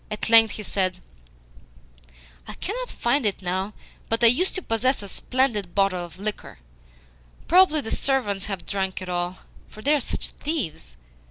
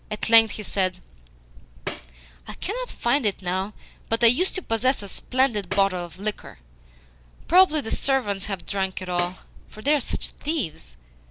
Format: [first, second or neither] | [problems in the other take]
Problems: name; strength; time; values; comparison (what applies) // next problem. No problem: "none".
first | background sound (Tambourine); 14 dB below the speech